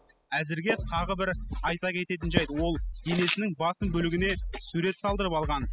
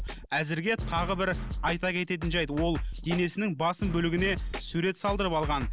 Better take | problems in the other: second | noise reduction (classical method spectral subtraction)

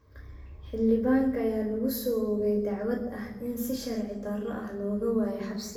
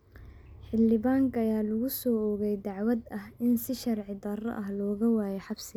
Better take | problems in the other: second | room echo; dies away in 0.8 s

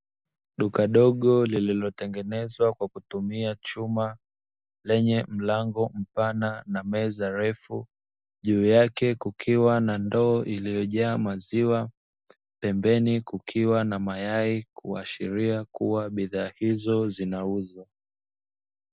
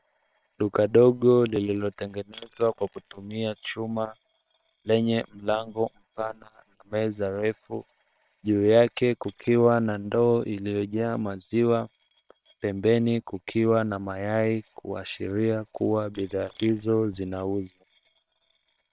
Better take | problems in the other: first | noise reduction (neural separator model SepFormer WHAM!)

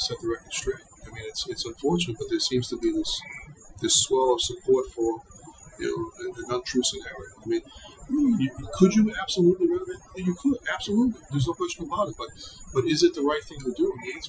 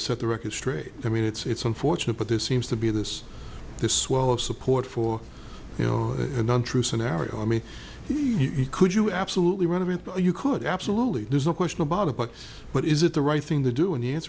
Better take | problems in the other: second | noise reduction (classical method Wiener filter)

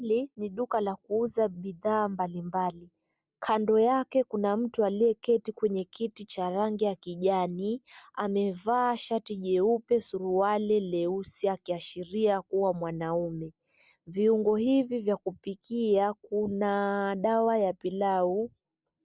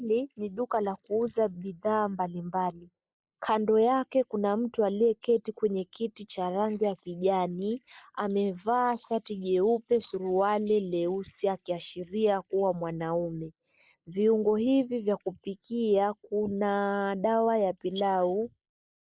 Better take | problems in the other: first | noise reduction (neural mask model Resemble Enhance denoiser)

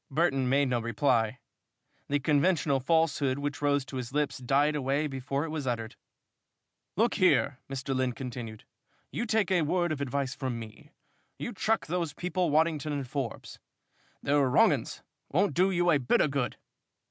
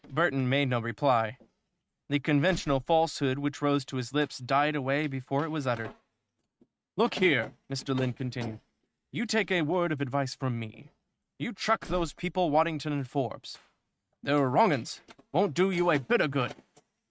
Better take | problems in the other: first | noise reduction (neural mask model RNNoise)

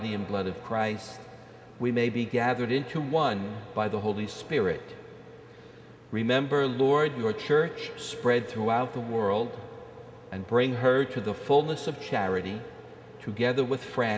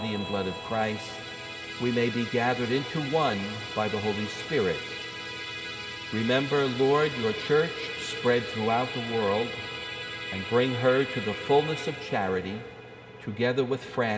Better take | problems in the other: first | background sound (Musical instrument); 10 dB below the speech

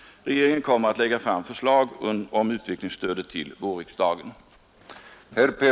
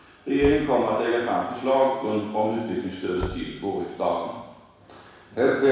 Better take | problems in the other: first | background sound (Knock); 16 dB below the speech // room echo; dies away in 1.1 s

